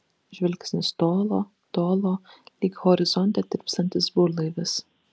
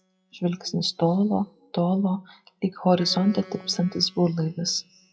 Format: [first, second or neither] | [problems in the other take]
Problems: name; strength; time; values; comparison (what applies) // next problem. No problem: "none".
first | noise reduction (classical method WPE with log-MMSE)